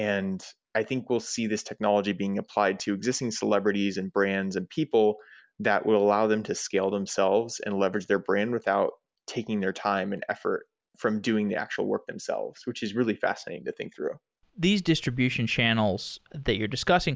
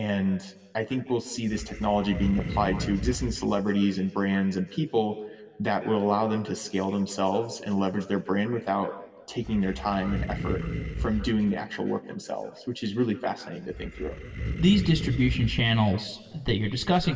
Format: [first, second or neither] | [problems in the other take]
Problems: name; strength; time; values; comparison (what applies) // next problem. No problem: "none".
first | background sound (Animal); 7 dB below the speech // room echo; dies away in 1.4 s